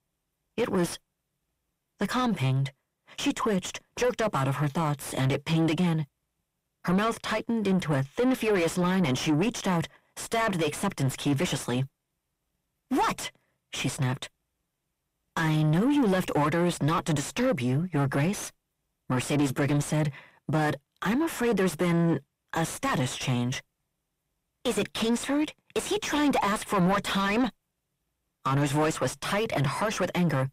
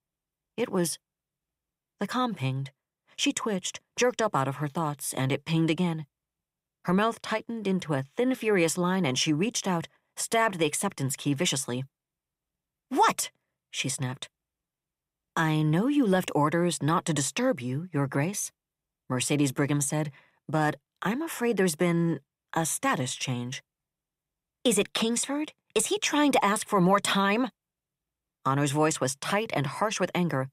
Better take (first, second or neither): second